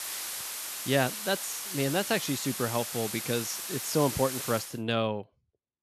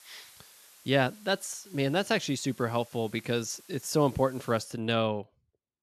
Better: second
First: hiss; loud; until 4.5 s; 4 dB below the speech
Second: hiss; faint; until 4.5 s; 25 dB below the speech

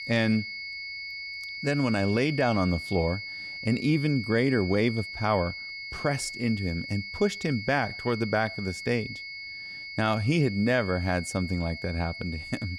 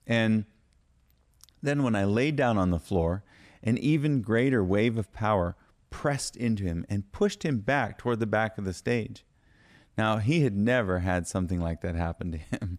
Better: second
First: high-pitched whine; loud; throughout; 2 kHz, 8 dB below the speech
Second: none

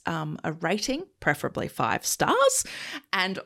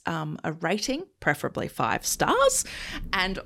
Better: first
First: none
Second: rain or running water; faint; from 2 s on; 20 dB below the speech

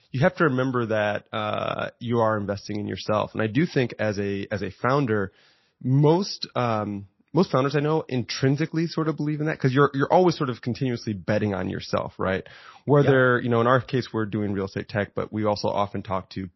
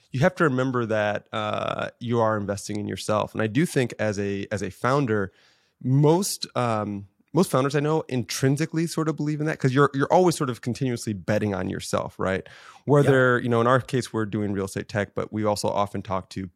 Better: second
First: garbled, watery; slightly; nothing above 5.5 kHz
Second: none

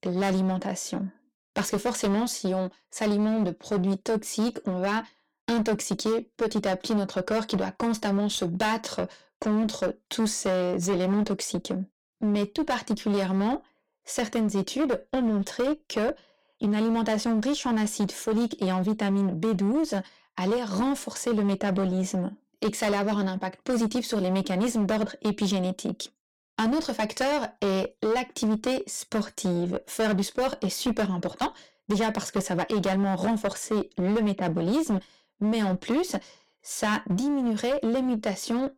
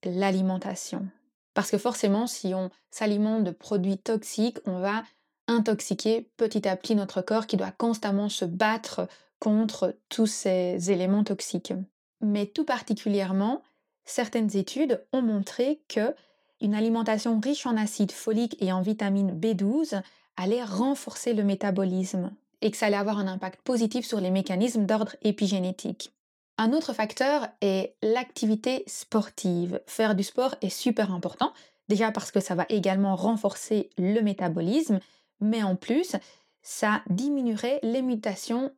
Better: second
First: distortion; slight; 18% of the sound clipped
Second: none

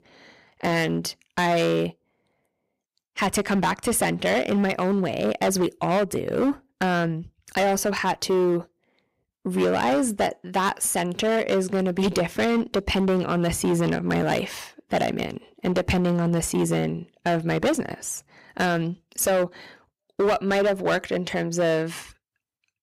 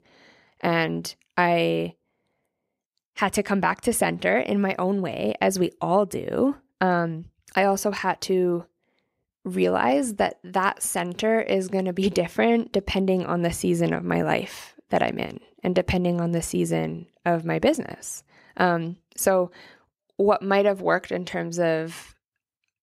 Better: second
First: distortion; heavy; 11% of the sound clipped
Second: none

